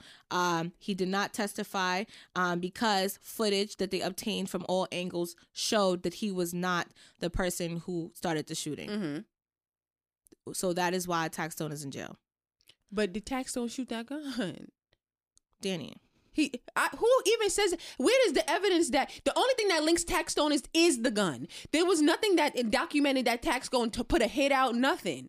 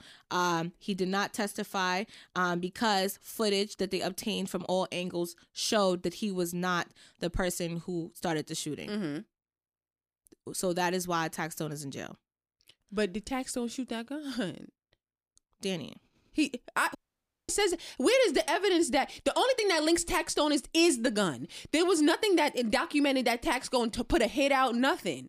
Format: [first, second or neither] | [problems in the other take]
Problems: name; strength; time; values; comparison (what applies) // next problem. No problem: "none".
first | audio cutting out; at 17 s for 0.5 s